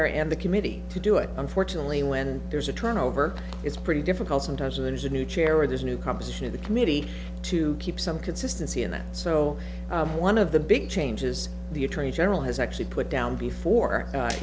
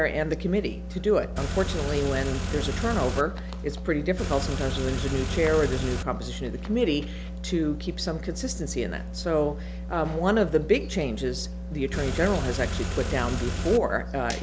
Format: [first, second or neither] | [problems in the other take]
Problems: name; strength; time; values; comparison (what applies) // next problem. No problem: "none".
first | background sound (Car); 3 dB below the speech